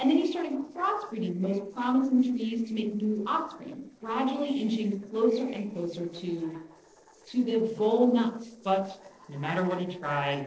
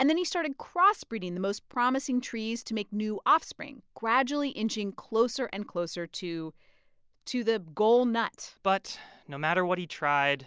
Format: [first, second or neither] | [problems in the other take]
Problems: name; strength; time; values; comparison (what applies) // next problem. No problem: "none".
second | noise reduction (neural separator model SepFormer DNS4)